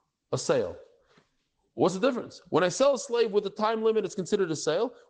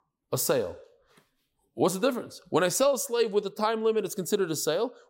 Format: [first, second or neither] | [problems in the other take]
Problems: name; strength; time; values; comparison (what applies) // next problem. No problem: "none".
second | garbled, watery; slightly; nothing above 8 kHz